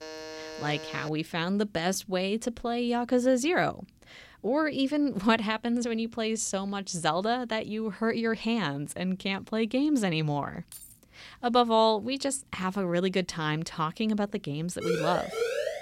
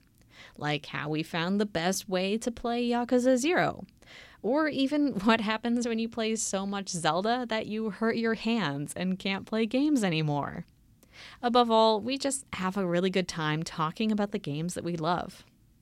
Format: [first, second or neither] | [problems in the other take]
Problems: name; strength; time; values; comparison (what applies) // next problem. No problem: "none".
second | alarm; faint; until 1 s; peak 10 dB below the speech // jangling keys; faint; at 11 s; peak 15 dB below the speech // siren; noticeable; from 15 s on; peak 1 dB below the speech